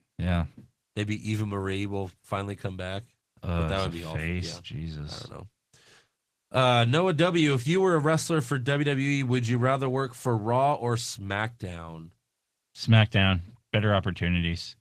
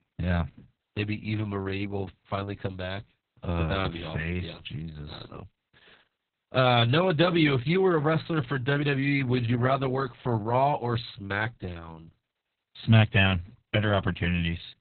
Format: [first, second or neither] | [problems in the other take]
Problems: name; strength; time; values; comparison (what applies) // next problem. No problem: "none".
first | garbled, watery; badly; nothing above 4 kHz; slightly in the first